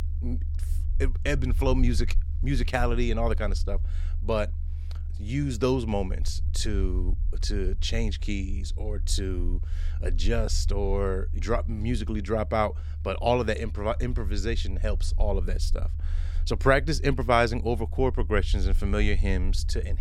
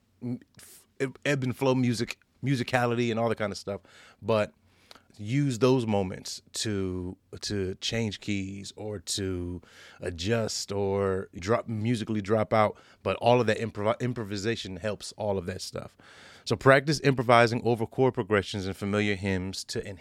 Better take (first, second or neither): second